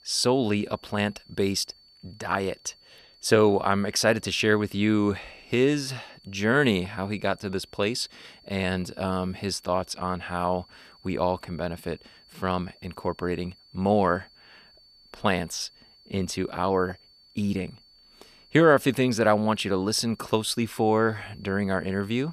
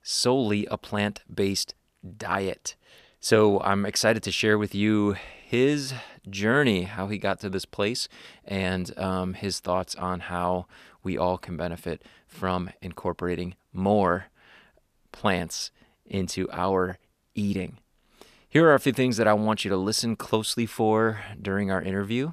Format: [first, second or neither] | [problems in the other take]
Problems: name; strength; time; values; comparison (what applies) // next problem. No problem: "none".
second | high-pitched whine; faint; throughout; 4.5 kHz, 30 dB below the speech